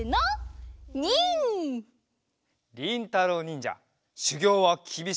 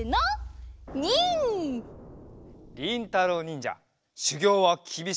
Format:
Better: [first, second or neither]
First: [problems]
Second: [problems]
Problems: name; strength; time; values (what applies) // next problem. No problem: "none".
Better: first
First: none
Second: background sound (Explosion); 18 dB below the speech